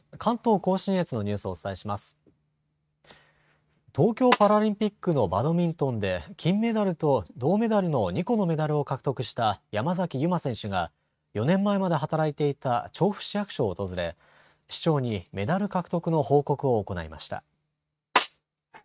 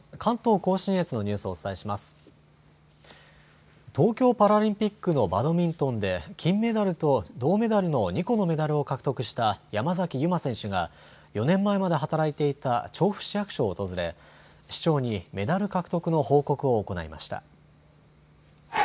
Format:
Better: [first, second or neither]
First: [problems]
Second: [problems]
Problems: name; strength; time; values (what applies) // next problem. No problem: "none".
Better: second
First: noise reduction (neural mask model RNNoise)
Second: none